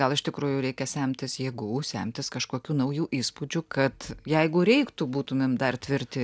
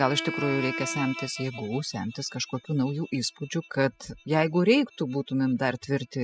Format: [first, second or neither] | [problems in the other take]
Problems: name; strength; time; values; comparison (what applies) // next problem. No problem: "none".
first | noise reduction (classical method spectral subtraction)